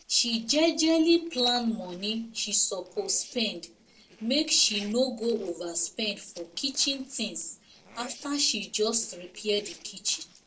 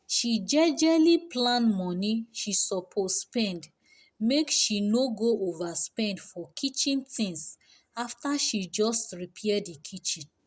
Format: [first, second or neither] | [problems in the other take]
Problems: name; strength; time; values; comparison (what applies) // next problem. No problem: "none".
second | noise reduction (neural separator model SepFormer DNS4)